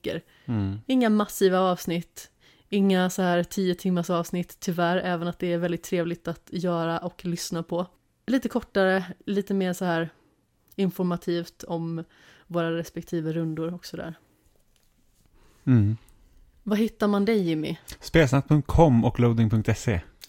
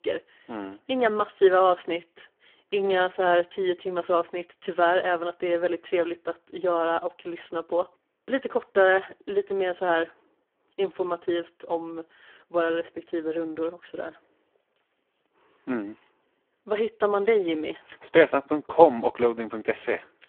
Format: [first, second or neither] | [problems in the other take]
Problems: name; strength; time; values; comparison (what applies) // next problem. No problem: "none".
first | phone-call audio; poor line